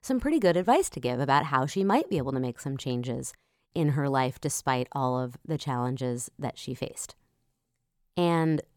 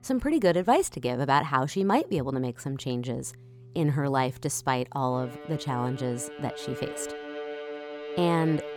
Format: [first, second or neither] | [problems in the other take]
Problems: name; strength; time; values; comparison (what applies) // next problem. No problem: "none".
first | background music; noticeable; throughout; 15 dB below the speech